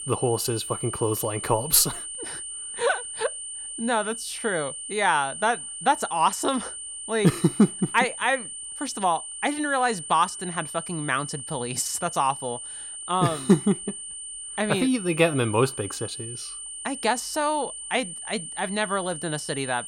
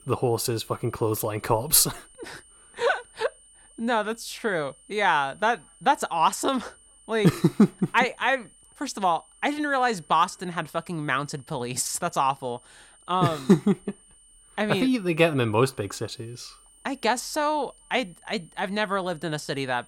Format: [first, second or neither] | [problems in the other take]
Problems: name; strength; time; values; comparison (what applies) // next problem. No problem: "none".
second | high-pitched whine; loud; throughout; 9 kHz, 8 dB below the speech; faint in the second